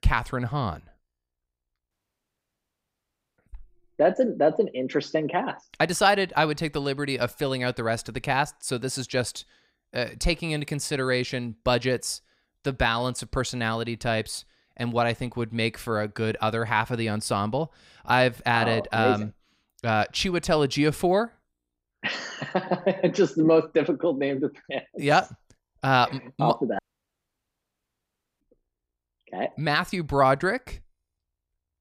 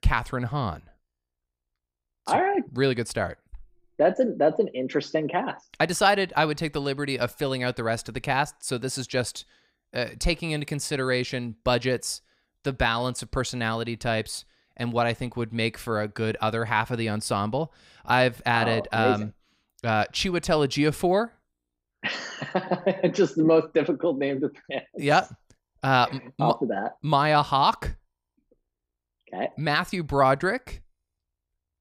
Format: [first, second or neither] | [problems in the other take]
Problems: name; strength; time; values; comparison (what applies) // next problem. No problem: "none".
second | audio cutting out; at 2 s for 1.5 s and at 27 s for 1.5 s